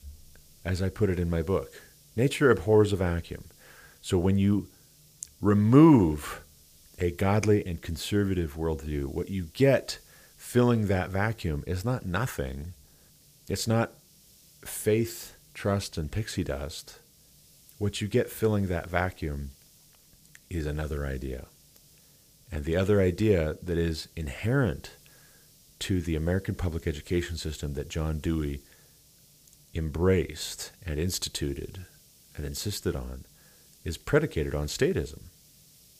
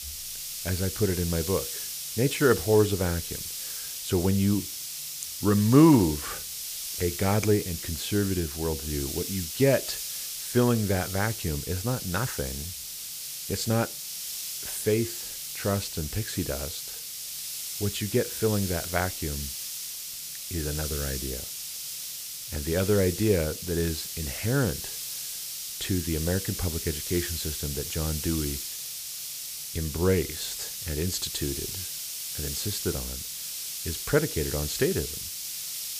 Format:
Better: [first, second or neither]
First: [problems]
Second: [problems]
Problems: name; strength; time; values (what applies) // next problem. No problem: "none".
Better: first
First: hiss; faint; throughout; 30 dB below the speech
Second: hiss; loud; throughout; 5 dB below the speech